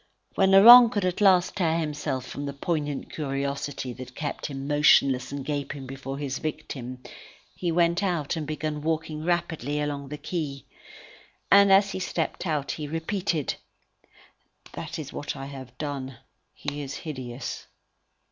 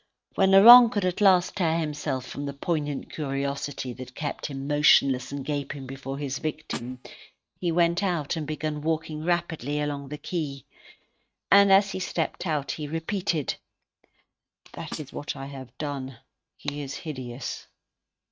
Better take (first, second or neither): first